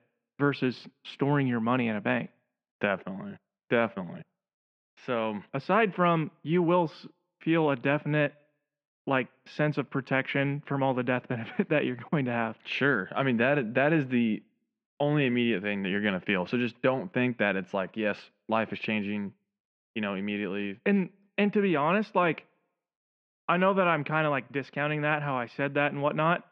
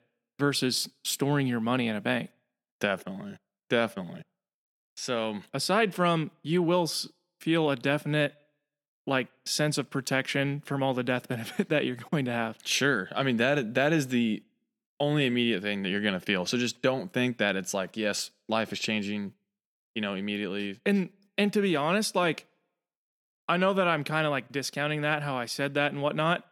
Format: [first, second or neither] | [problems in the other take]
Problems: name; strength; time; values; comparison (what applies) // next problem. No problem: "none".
second | muffled; very; fading above 2.5 kHz